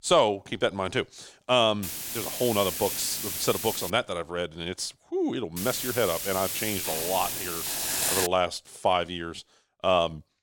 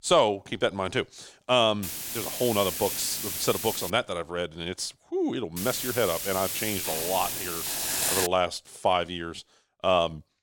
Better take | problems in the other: neither | hiss; loud; from 2 to 4 s and from 5.5 to 8.5 s; 2 dB below the speech; the same in both

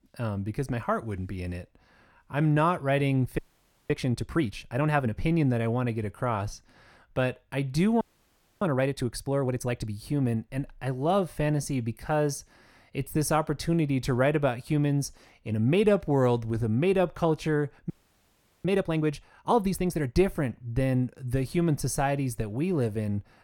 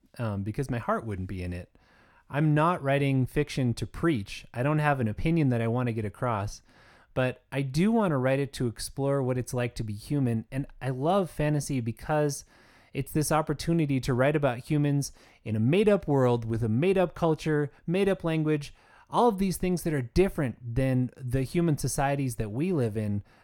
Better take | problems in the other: second | audio freezing; at 3.5 s for 0.5 s, at 8 s for 0.5 s and at 18 s for 1 s

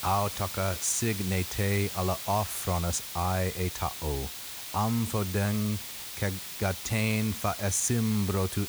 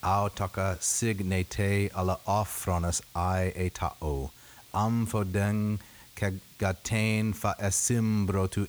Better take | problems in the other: second | hiss; loud; throughout; 6 dB below the speech; faint in the second

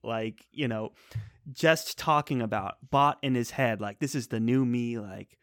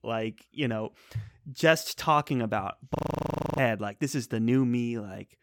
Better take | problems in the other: first | audio freezing; at 3 s for 0.5 s

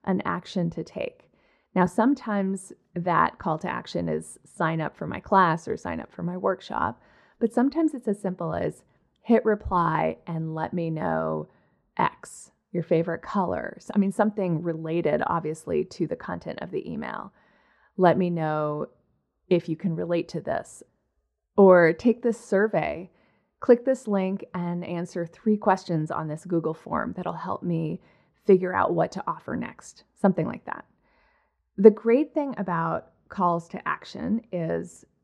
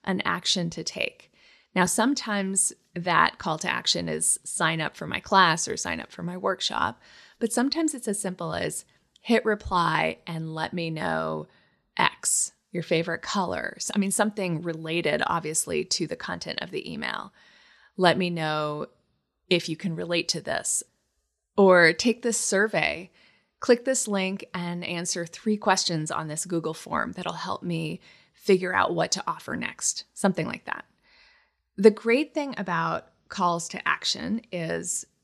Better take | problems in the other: second | muffled; very; fading above 2 kHz

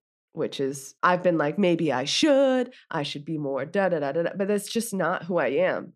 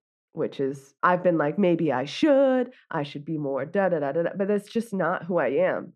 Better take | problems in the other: first | muffled; slightly; fading above 3 kHz

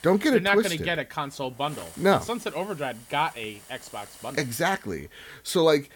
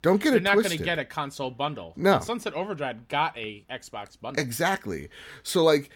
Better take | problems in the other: second | hiss; faint; throughout; 20 dB below the speech

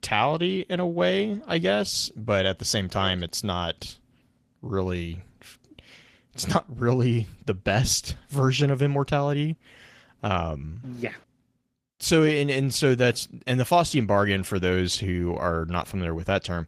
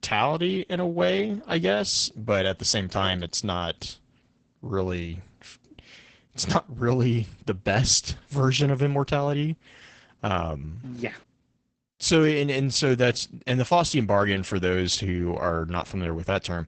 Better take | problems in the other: first | garbled, watery; badly; nothing above 8 kHz; slightly in the first

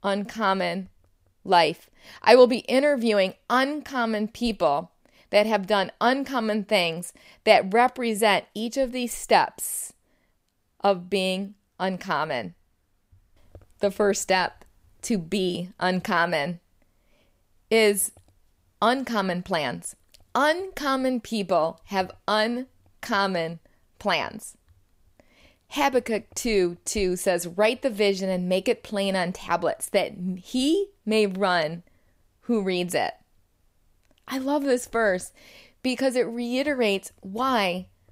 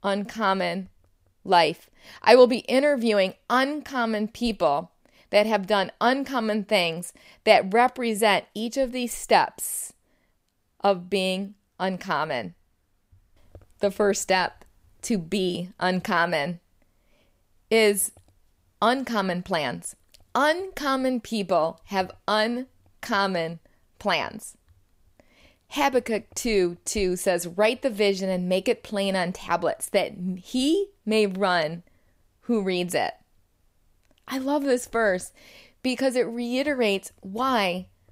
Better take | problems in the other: neither | none

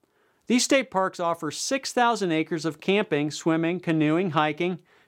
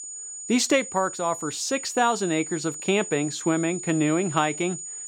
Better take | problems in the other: first | high-pitched whine; loud; throughout; 7 kHz, 9 dB below the speech

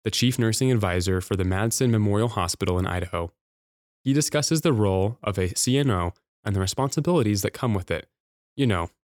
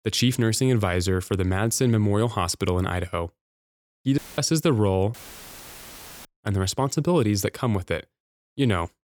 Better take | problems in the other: first | audio cutting out; filled with static; at 4 s and at 5 s for 1 s

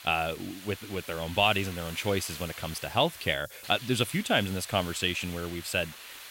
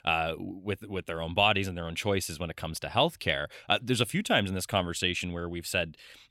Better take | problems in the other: second | hiss; noticeable; throughout; 15 dB below the speech

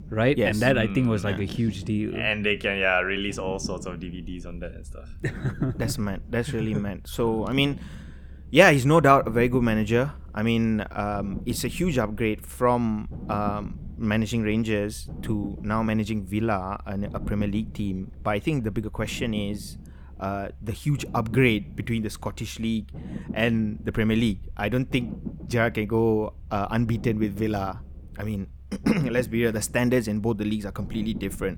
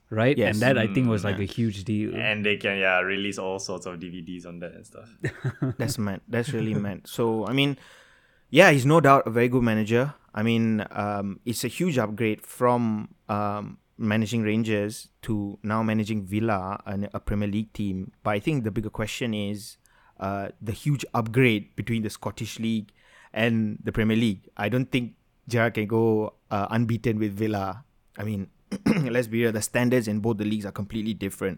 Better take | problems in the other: second | low rumble; faint; throughout; 20 dB below the speech

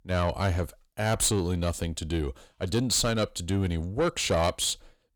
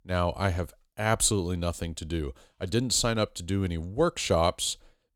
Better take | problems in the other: second | distortion; slight; 10 dB below the speech

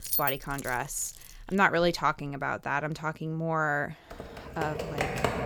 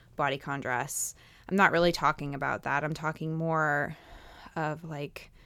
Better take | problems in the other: second | jangling keys; loud; until 1.5 s; peak 2 dB above the speech // keyboard typing; loud; from 4 s on; peak level with the speech

